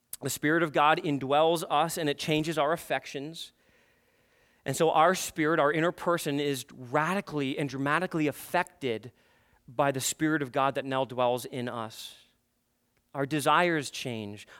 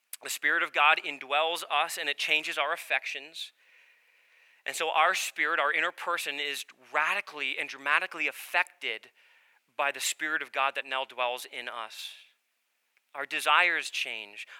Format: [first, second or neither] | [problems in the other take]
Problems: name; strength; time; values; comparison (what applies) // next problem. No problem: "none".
first | thin; very; fading below 750 Hz